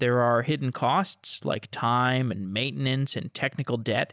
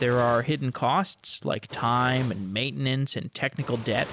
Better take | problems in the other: first | background sound (Fire); 18 dB below the speech

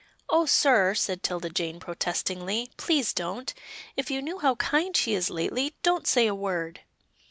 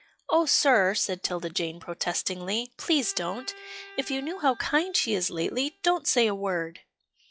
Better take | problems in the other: first | noise reduction (classical method log-MMSE)

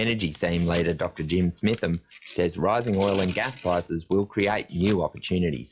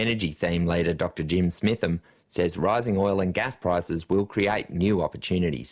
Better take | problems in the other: second | noise reduction (classical method log-MMSE)

